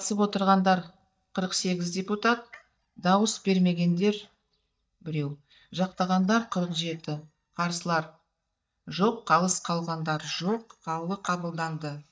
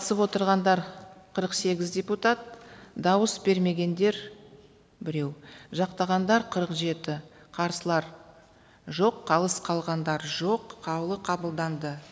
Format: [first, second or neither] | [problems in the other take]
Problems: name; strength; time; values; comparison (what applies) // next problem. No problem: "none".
second | noise reduction (neural mask model DeepFilterNet 3)